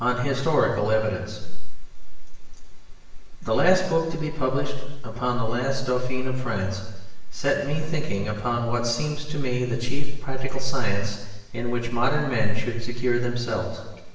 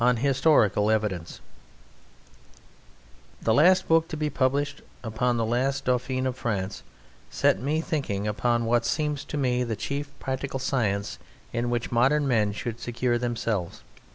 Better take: second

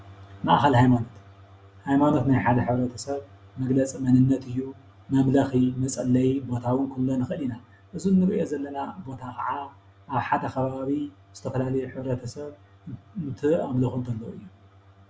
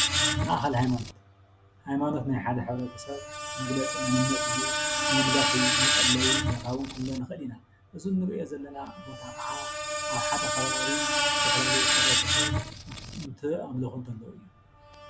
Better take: first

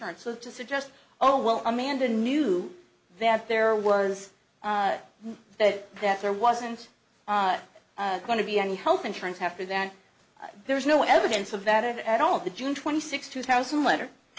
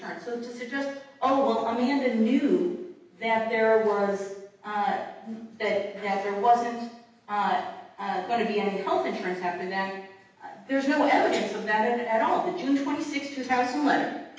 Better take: first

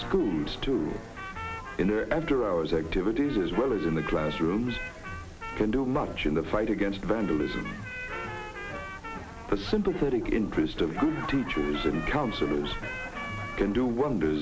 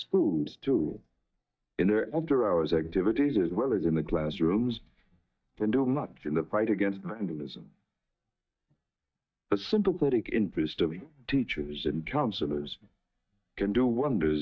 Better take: first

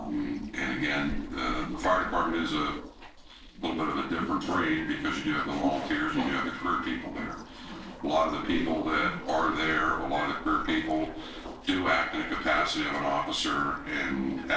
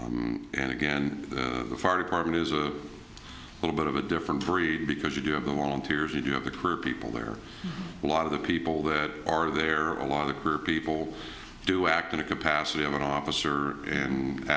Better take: second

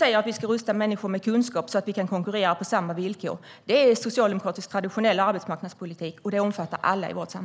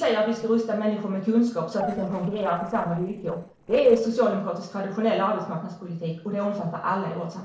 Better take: first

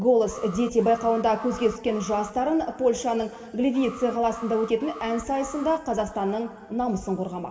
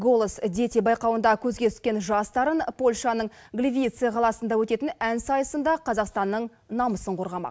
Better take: second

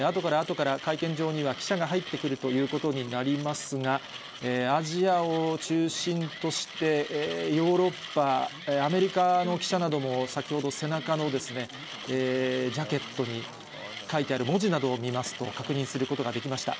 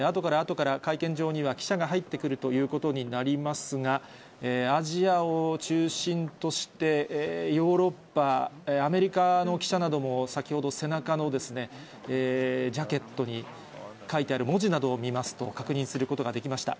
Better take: second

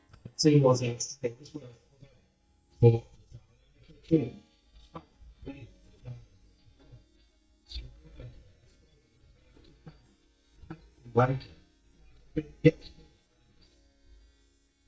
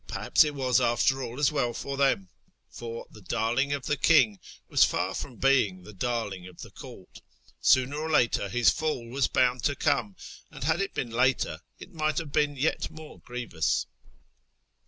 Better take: second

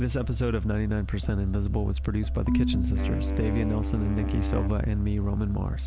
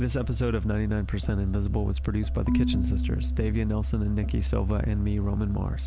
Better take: second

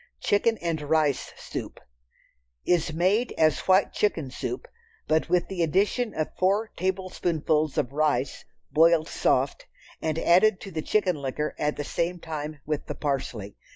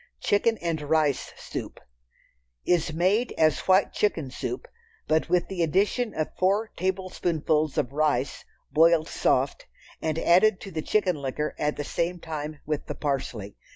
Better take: second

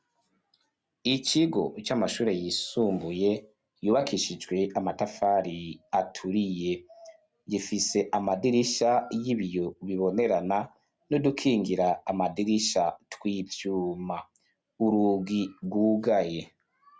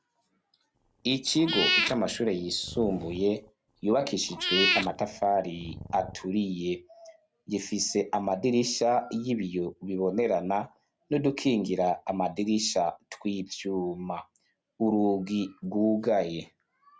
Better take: first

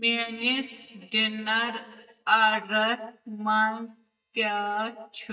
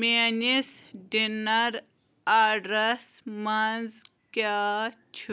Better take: second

